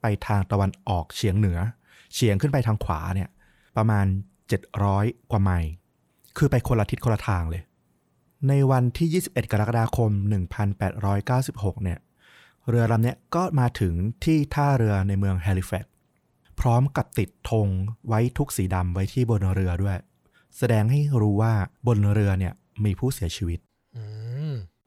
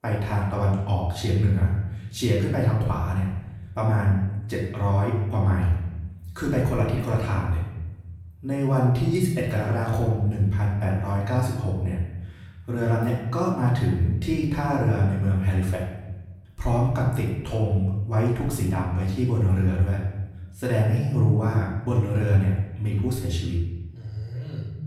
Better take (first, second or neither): first